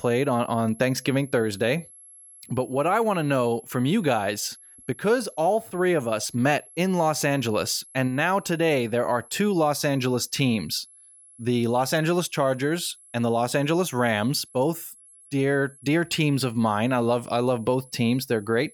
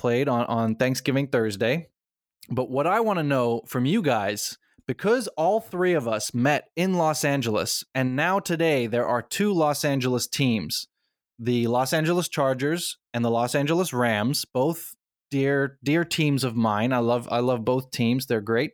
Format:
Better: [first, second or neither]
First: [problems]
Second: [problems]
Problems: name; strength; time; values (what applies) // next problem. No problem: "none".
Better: second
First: high-pitched whine; faint; throughout; 11 kHz, 25 dB below the speech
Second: none